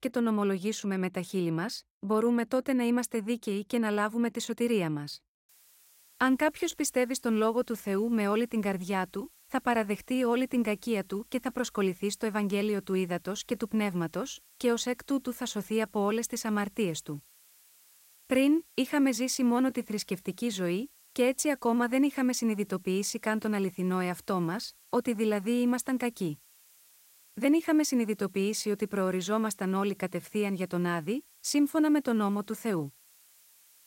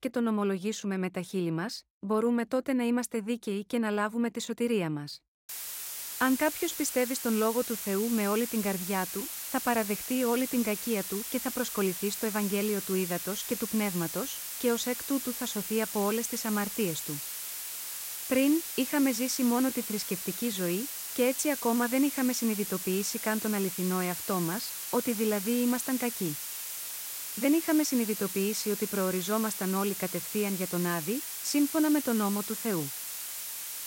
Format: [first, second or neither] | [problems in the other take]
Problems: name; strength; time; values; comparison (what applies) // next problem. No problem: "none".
first | hiss; loud; from 5.5 s on; 5 dB below the speech; faint in the first